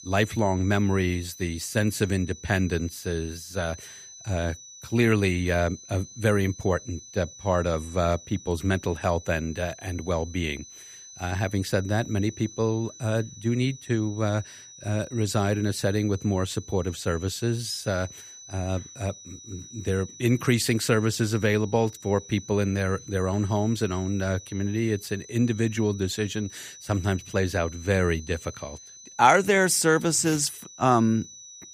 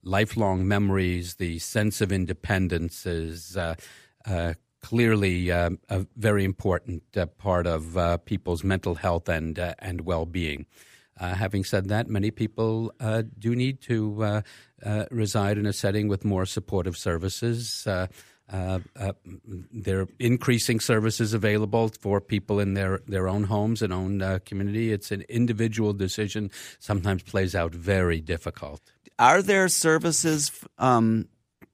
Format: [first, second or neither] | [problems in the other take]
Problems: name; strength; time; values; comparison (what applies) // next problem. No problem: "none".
second | high-pitched whine; noticeable; throughout; 6 kHz, 15 dB below the speech